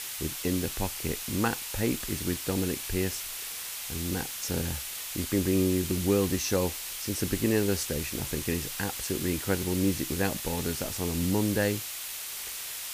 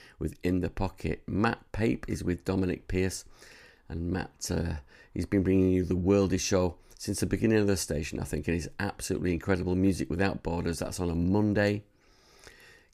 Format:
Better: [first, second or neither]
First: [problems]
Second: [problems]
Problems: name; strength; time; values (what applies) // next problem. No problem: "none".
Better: second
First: hiss; loud; throughout; 4 dB below the speech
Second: none